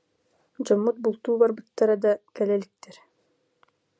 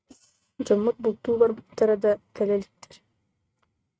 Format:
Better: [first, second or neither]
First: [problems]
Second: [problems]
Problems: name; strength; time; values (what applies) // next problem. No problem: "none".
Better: first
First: none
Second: noise reduction (neural mask model RNNoise)